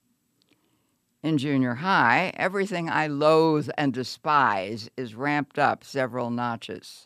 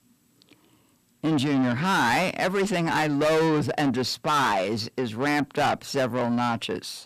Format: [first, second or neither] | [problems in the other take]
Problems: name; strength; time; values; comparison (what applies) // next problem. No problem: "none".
first | distortion; heavy; 6 dB below the speech